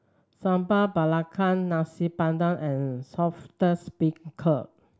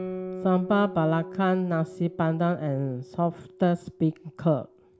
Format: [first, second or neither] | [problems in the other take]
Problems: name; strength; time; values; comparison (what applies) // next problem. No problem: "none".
first | background sound (Guitar); 14 dB below the speech